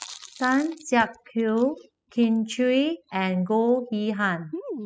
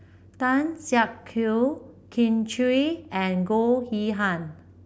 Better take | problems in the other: second | noise reduction (classical method spectral subtraction)

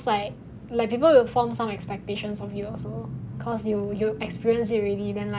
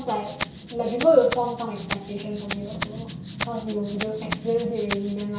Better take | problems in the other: first | background sound (Rattle (instrument)); 11 dB below the speech // room echo; dies away in 0.6 s

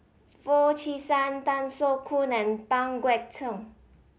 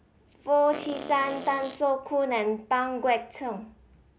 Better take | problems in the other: first | background sound (Fart); 11 dB below the speech

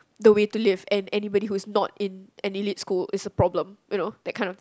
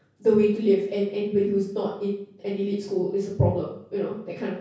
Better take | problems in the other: first | room echo; dies away in 0.6 s

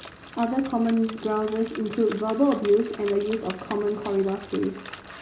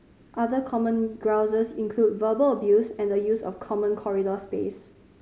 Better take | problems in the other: second | background sound (Bicycle); 17 dB below the speech // room echo; dies away in 0.4 s

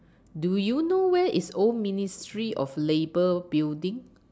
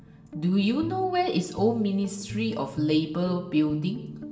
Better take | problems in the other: first | background sound (Guitar); 13 dB below the speech // room echo; dies away in 0.7 s

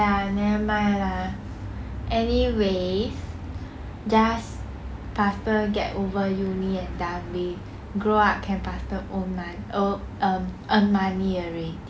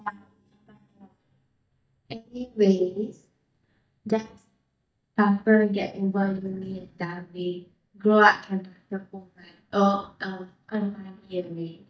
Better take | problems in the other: first | noise reduction (neural mask model DeepFilterNet 3)

